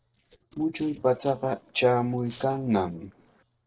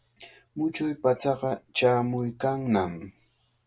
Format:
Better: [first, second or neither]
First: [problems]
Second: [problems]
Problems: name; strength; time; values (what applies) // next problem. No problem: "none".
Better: second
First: noise reduction (neural separator model SepFormer DNS4)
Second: none